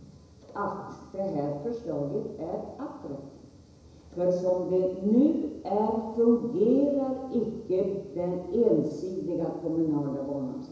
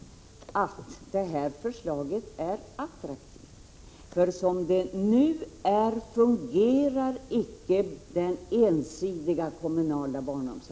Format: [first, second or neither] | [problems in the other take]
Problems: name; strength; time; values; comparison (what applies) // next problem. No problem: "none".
second | room echo; dies away in 1 s